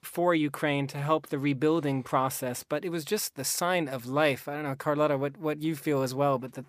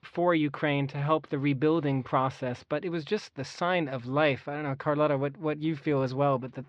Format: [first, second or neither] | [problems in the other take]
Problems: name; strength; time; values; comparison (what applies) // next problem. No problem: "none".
first | muffled; slightly; fading above 4 kHz